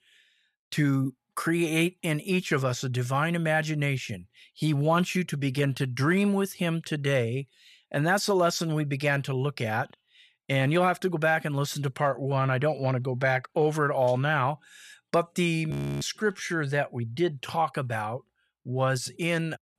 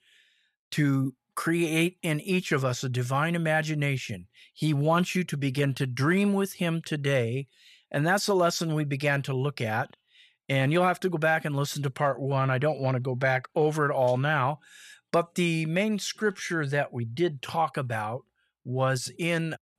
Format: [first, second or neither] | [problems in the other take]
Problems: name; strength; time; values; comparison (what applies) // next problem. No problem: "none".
second | audio freezing; at 16 s